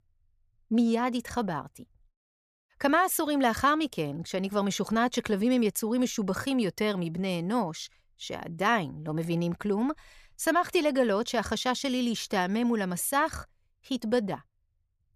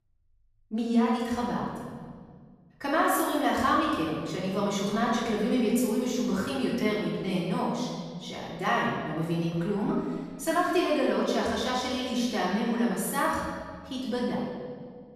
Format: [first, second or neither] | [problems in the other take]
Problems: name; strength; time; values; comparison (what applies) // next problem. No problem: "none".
first | room echo; strong; dies away in 1.6 s // off-mic speech; far